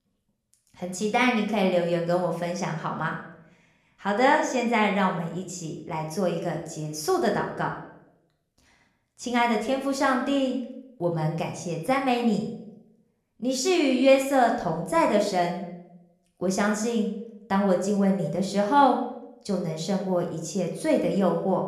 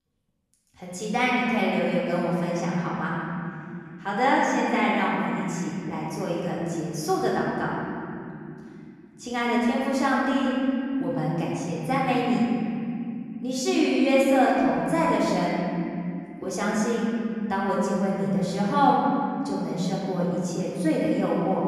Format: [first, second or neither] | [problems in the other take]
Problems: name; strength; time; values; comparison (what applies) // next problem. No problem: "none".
first | room echo; strong; dies away in 3 s; slight in the first // off-mic speech; far; somewhat distant in the first